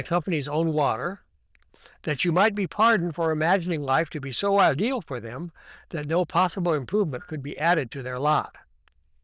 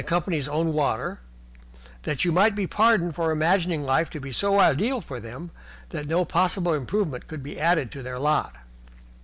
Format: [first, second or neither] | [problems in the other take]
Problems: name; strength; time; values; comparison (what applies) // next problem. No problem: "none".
second | noise reduction (neural diffusion model UNIVERSE++)